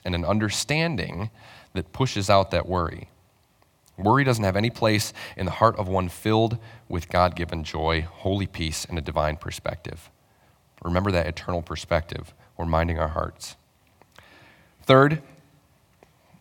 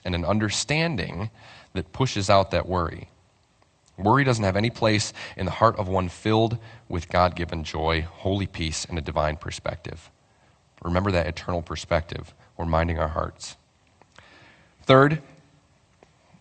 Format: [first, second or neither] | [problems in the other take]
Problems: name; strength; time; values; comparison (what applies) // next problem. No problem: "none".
first | garbled, watery; slightly; nothing above 8.5 kHz